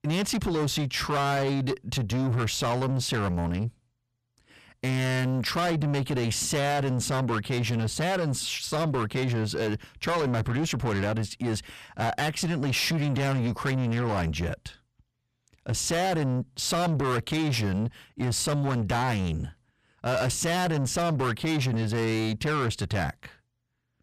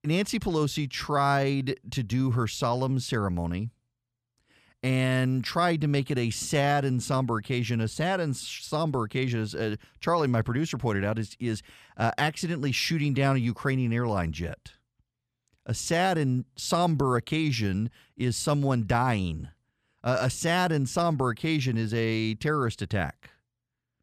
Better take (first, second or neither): second